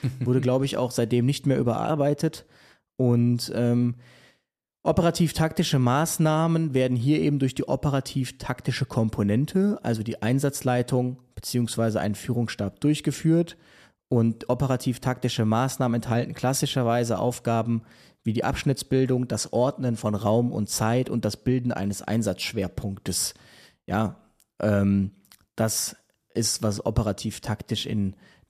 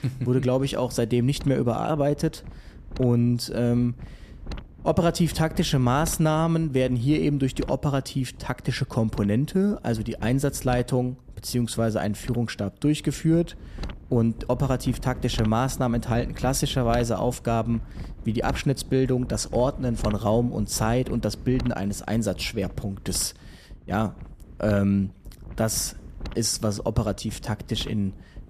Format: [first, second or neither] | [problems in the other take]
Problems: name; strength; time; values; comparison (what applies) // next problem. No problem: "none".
first | wind noise on the microphone; occasional gusts; 20 dB below the speech